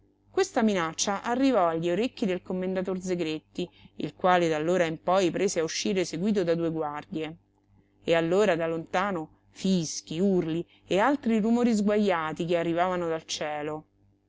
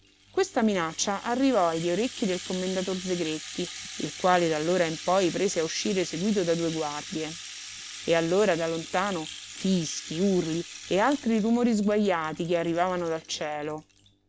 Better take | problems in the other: first | background sound (Rattle (instrument)); 14 dB below the speech

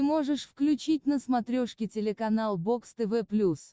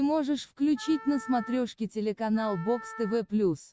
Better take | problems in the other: first | background sound (Wind instrument, woodwind instrument); 17 dB below the speech

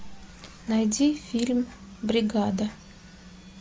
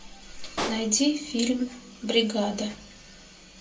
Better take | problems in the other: first | background sound (Explosion); 9 dB below the speech // room echo; dies away in 0.2 s

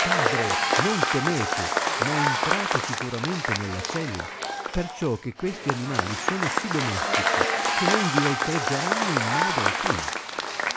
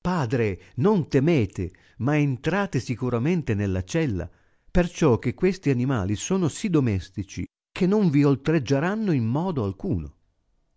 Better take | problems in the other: second | background sound (Applause / Crowd / Cheering); 4 dB above the speech

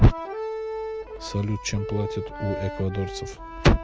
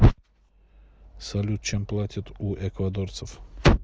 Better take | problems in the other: second | background sound (Accordion); 9 dB below the speech

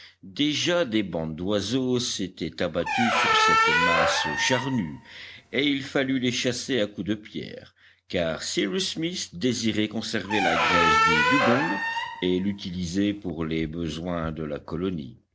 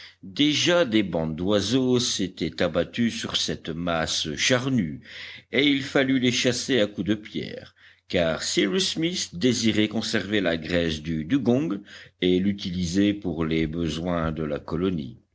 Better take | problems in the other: second | background sound (Squeak); 3 dB above the speech

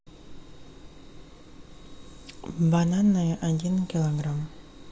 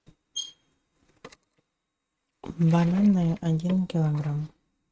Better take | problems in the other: first | noise reduction (neural mask model RNNoise)

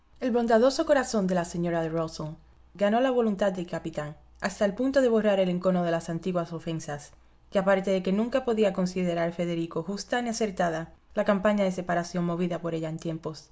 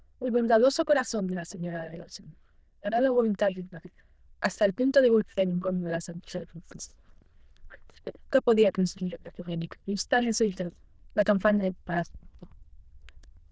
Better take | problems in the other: first | noise reduction (neural diffusion model UNIVERSE++)

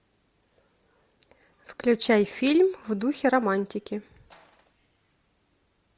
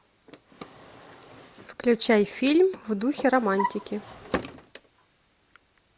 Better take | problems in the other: first | background sound (Drawer open or close); 12 dB below the speech

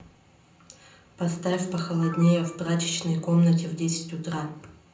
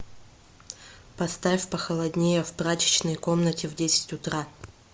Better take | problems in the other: second | background sound (Camera); 19 dB below the speech // room echo; dies away in 0.6 s

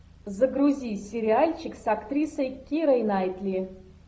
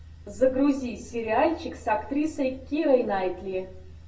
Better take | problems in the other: first | room echo; dies away in 0.2 s

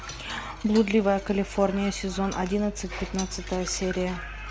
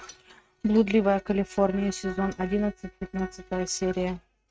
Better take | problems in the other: first | noise reduction (neural mask model RNNoise)

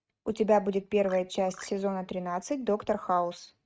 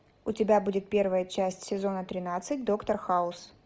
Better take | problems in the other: second | noise reduction (neural mask model RNNoise)

